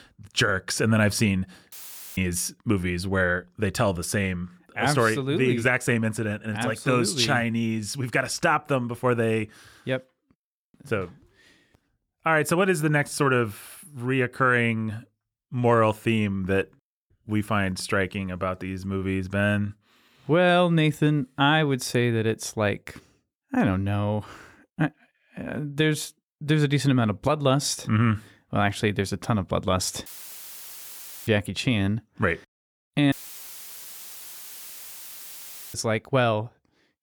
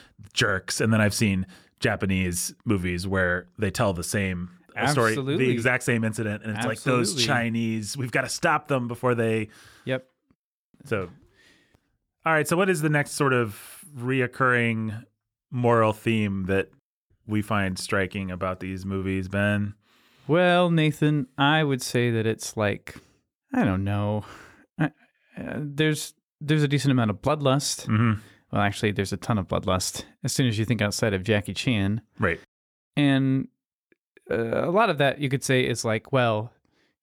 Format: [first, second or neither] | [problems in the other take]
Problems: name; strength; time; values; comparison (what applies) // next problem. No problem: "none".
second | audio cutting out; filled with static; at 1.5 s, at 30 s for 1 s and at 33 s for 2.5 s